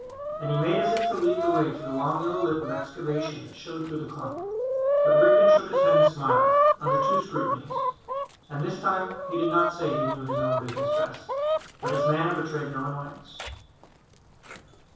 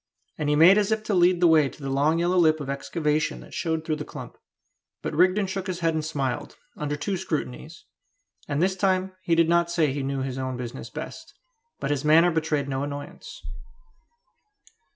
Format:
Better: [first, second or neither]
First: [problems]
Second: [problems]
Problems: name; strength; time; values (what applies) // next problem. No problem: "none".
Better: second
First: background sound (Chicken, rooster); 4 dB above the speech // room echo; dies away in 0.7 s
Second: none